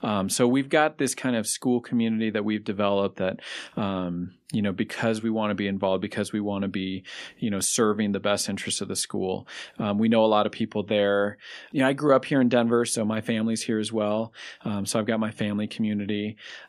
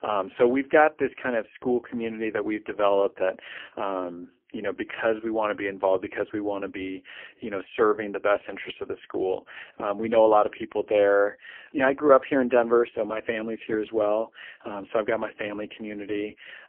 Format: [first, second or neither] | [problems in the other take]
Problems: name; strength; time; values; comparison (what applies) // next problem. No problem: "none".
first | phone-call audio; poor line; nothing above 3 kHz